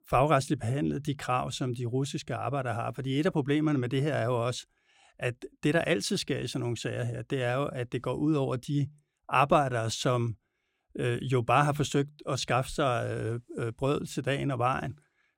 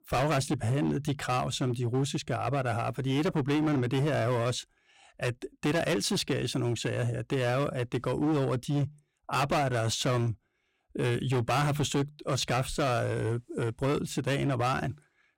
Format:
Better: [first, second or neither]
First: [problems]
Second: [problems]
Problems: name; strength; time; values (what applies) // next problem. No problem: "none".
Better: first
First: none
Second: distortion; heavy; 15% of the sound clipped